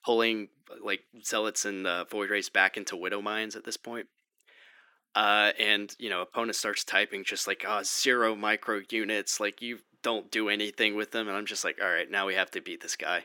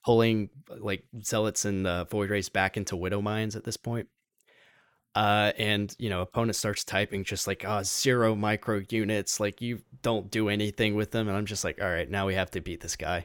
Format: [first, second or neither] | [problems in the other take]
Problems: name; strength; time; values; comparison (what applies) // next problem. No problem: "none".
second | thin; somewhat; fading below 250 Hz